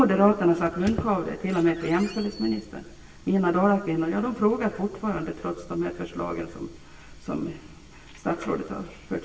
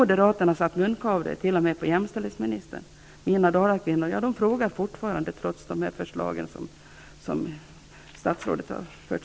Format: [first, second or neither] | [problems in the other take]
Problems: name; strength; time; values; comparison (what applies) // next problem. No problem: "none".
second | background sound (Squeak); 15 dB below the speech // room echo; dies away in 1.4 s